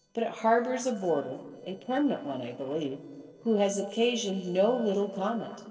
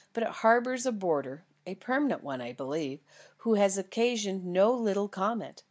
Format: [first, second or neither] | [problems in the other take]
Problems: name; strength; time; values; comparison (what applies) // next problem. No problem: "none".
second | noise reduction (neural separator model SepFormer DNS4)